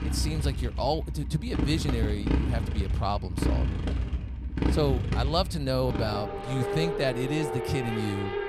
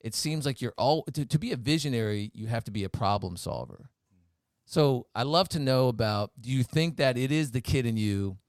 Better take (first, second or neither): second